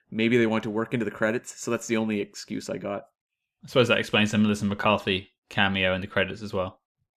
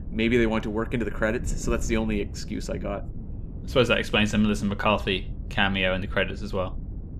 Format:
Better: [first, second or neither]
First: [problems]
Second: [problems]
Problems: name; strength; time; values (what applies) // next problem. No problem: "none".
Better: first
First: none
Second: wind noise on the microphone; occasional gusts; 20 dB below the speech